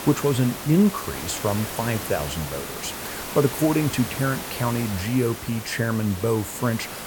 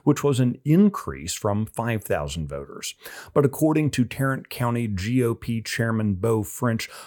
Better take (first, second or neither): second